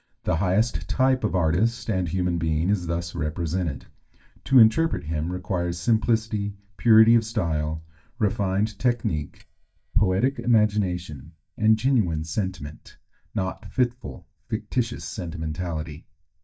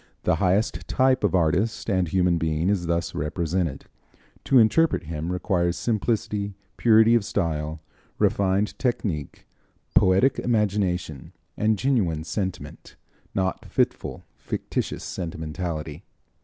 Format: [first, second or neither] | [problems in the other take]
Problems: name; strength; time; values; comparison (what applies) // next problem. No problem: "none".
second | noise reduction (neural mask model DeepFilterNet 3)